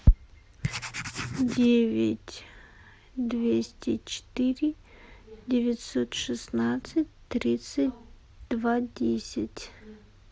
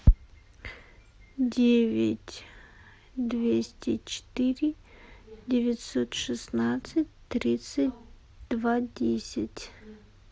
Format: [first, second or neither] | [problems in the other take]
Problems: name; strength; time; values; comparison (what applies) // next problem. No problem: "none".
second | background sound (Writing); 7 dB below the speech